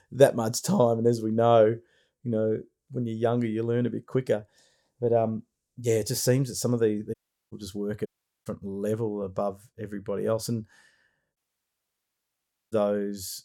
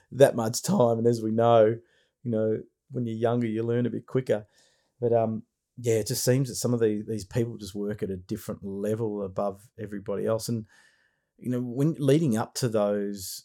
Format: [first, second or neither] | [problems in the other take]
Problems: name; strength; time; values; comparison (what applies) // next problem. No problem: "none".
second | audio cutting out; at 7 s, at 8 s and at 11 s for 1.5 s